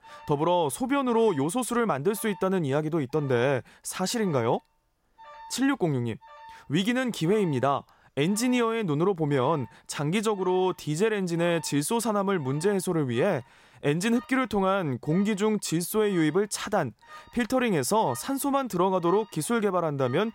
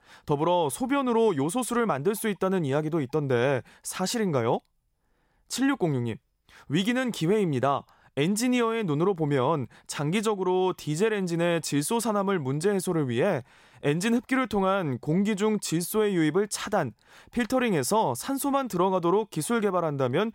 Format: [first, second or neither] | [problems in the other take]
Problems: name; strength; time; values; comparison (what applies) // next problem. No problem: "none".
second | alarms or sirens; faint; throughout; 25 dB below the speech